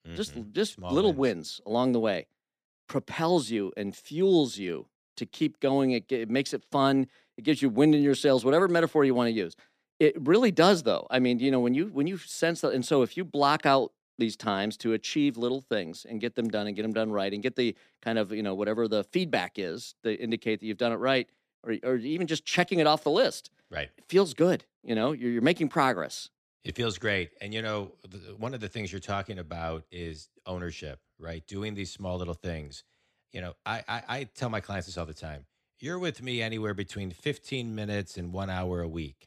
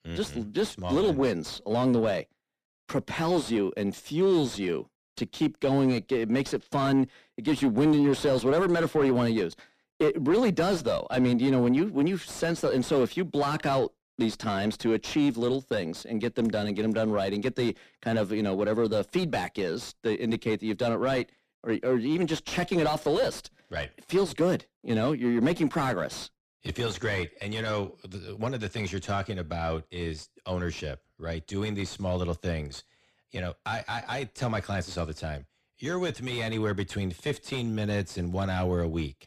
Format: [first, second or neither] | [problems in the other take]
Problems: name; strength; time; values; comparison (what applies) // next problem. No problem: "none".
first | distortion; heavy; 6 dB below the speech